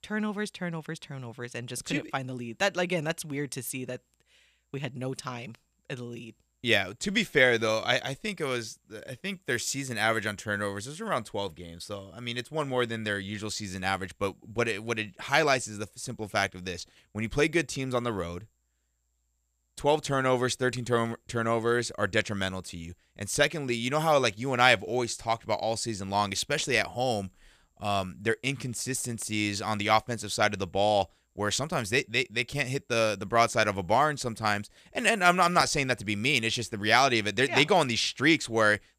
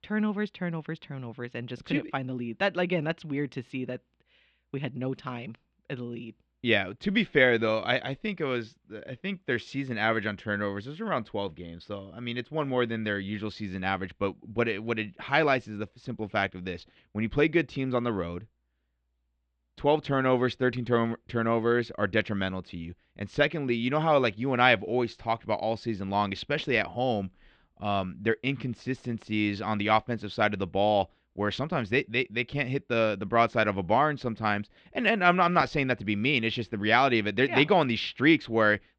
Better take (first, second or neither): first